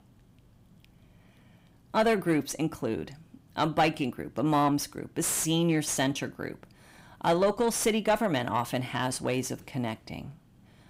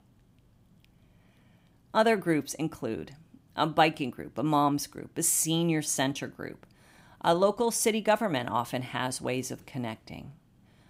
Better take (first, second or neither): second